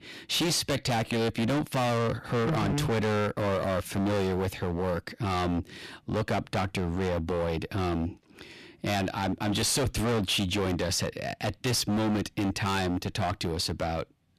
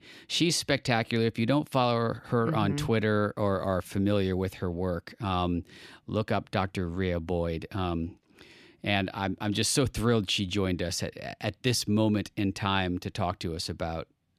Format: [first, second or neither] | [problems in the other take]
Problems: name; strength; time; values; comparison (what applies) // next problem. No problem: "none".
second | distortion; heavy; 23% of the sound clipped